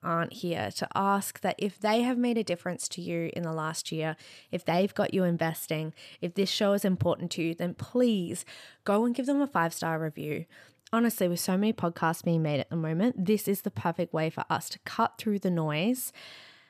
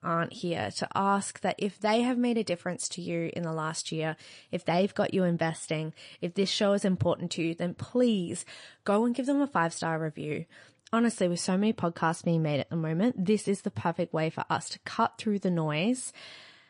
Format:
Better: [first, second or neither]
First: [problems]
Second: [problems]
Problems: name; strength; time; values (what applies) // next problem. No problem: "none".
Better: first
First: none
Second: garbled, watery; slightly; nothing above 10.5 kHz